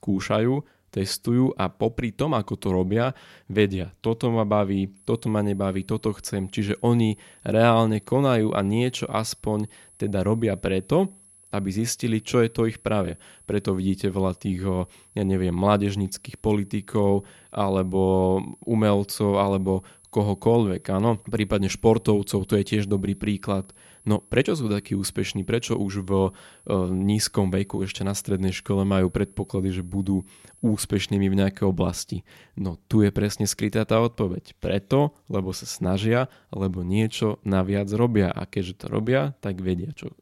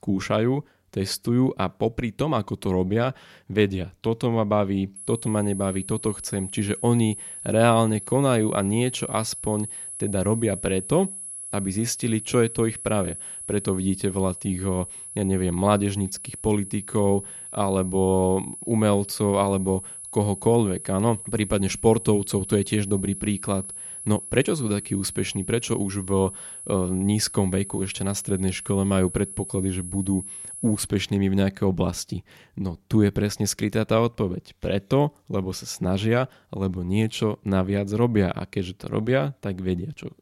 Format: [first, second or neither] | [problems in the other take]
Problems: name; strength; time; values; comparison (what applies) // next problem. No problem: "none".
first | high-pitched whine; loud; from 5 to 31 s; 10.5 kHz, 10 dB below the speech; faint in the first